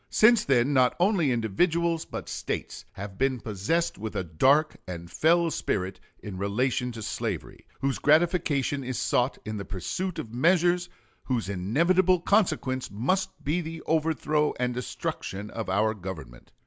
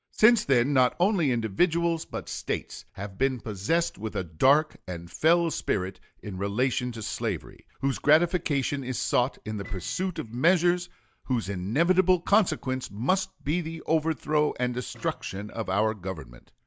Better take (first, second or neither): first